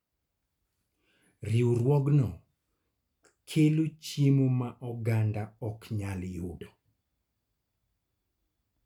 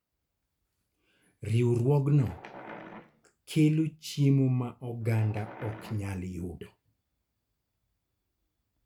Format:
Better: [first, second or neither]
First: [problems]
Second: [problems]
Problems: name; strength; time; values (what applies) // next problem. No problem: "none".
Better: first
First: none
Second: background sound (Wild animals); 17 dB below the speech